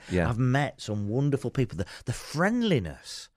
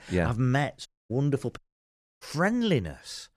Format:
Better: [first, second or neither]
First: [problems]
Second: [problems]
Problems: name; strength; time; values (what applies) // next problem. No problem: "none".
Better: first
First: none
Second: audio cutting out; at 1 s and at 1.5 s for 0.5 s